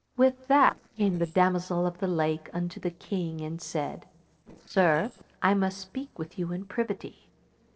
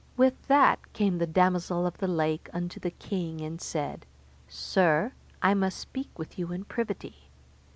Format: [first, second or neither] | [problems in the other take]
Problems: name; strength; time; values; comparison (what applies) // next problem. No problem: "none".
second | noise reduction (neural separator model SepFormer DNS4)